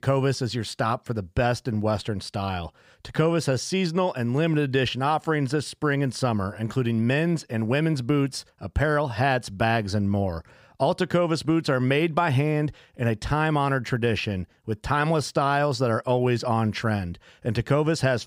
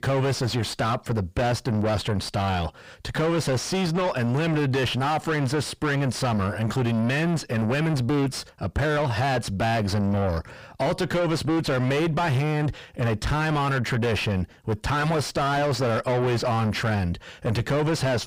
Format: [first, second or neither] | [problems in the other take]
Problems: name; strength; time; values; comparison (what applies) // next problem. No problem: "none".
first | distortion; heavy; 5 dB below the speech